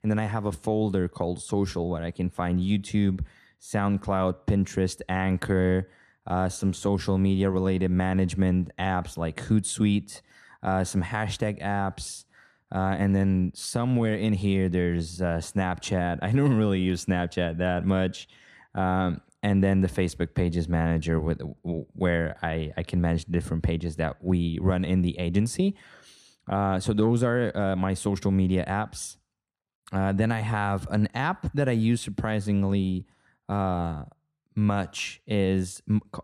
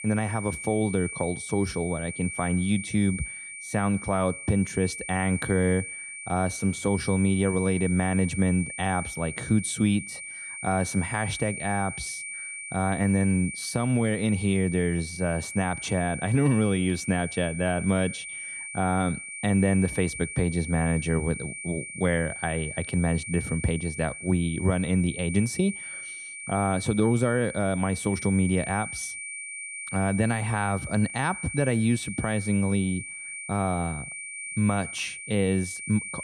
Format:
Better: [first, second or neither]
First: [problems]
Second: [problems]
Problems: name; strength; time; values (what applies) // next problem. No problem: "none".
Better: first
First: none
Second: high-pitched whine; loud; throughout; 2.5 kHz, 8 dB below the speech